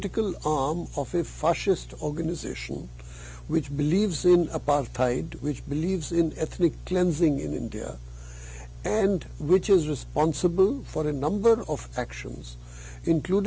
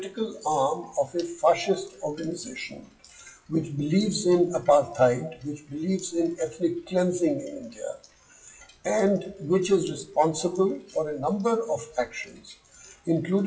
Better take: first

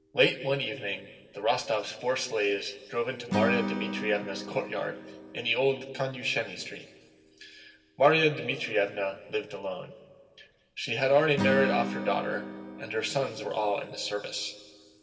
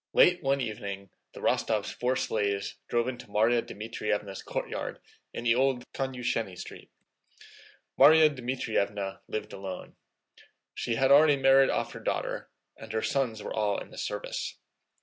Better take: second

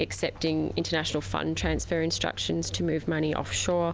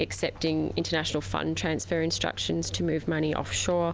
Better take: second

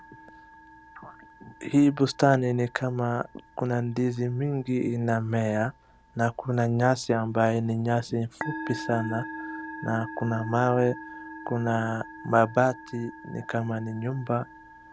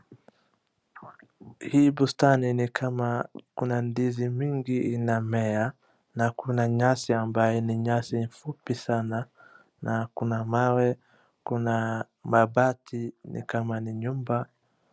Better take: second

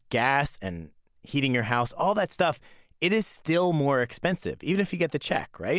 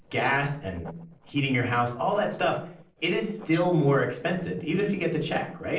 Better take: first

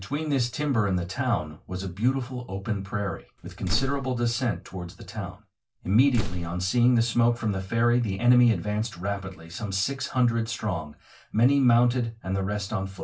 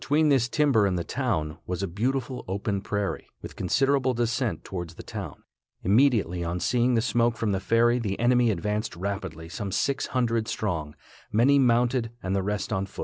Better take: second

